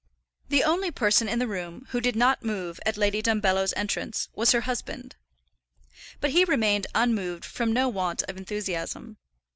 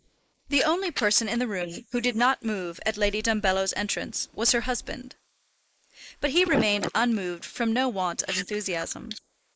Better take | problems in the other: first | noise reduction (neural mask model Resemble Enhance denoiser)

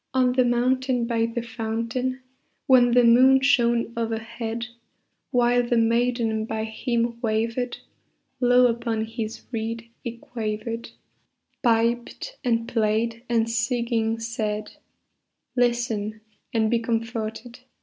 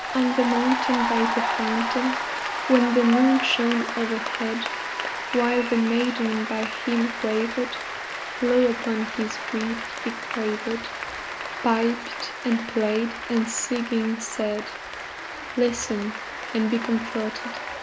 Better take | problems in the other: first | background sound (Applause / Cheering); 5 dB below the speech

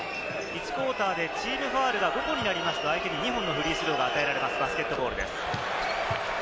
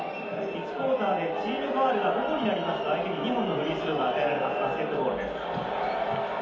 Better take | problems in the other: first | room echo; dies away in 0.6 s

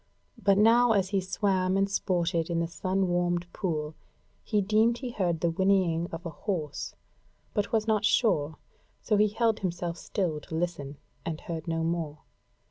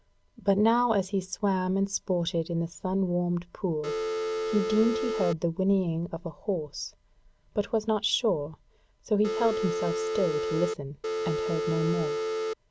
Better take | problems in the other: first | background sound (Telephone); 1 dB below the speech

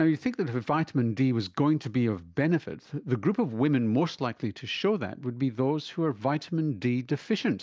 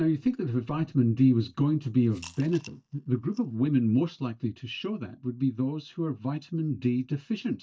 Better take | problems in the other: first | noise reduction (neural mask model DeepFilterNet 3)

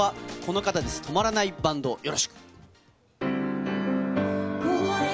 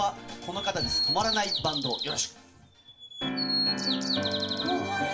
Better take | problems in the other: first | background sound (Bird vocalization, bird call, bird song); 1 dB below the speech // room echo; dies away in 0.4 s

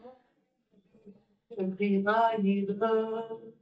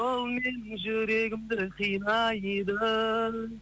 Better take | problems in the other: second | noise reduction (neural mask model DeepFilterNet 3)

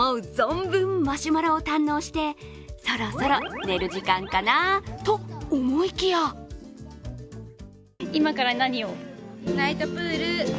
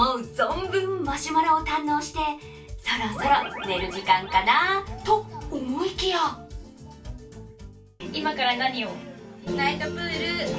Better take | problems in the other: first | room echo; dies away in 0.2 s

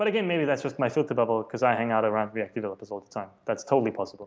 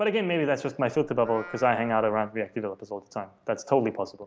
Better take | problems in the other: first | background sound (Livestock, farm animals, working animals); 18 dB below the speech

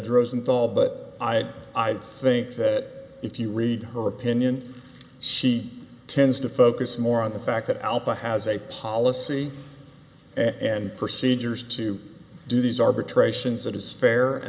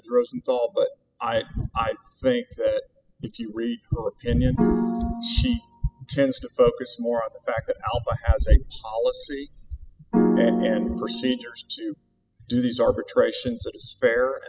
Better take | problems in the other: first | noise reduction (classical method spectral subtraction)

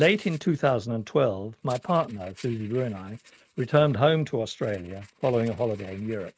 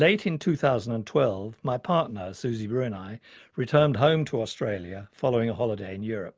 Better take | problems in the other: second | noise reduction (neural mask model RNNoise)

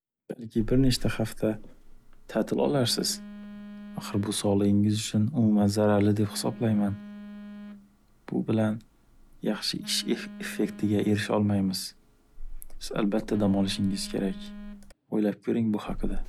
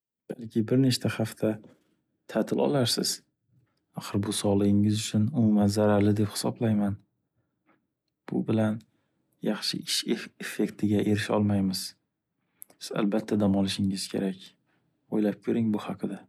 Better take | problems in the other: second | background sound (Telephone); 11 dB below the speech

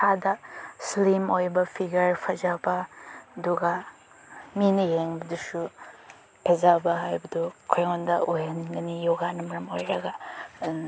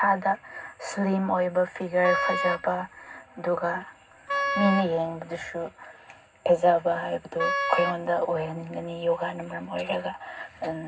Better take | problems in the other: first | background sound (Wind instrument, woodwind instrument); 3 dB below the speech // room echo; dies away in 0.4 s

